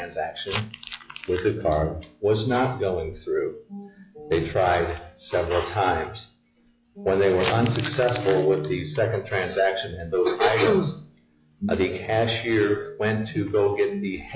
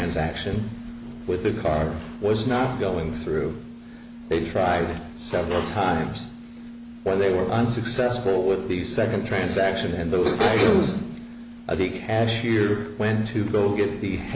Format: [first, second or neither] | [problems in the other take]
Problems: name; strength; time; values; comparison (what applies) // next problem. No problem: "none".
second | noise reduction (classical method log-MMSE)